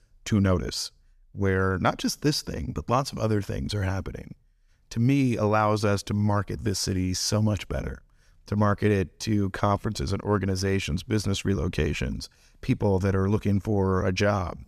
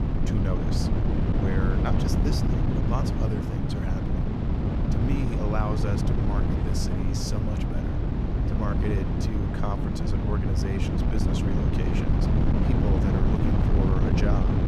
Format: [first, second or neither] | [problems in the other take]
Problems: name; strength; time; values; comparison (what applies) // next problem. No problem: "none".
first | wind noise on the microphone; heavy; 2 dB above the speech